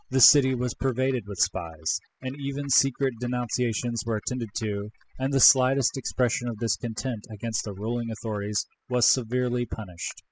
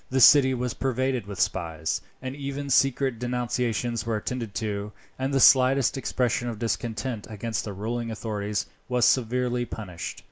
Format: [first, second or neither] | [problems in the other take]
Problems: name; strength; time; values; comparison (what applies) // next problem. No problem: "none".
second | noise reduction (classical method spectral subtraction)